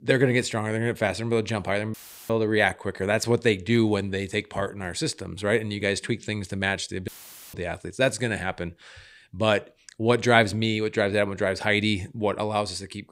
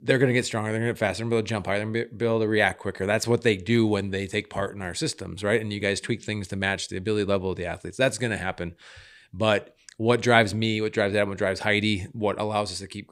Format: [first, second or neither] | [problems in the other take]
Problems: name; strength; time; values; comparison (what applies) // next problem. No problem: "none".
second | audio cutting out; filled with static; at 2 s and at 7 s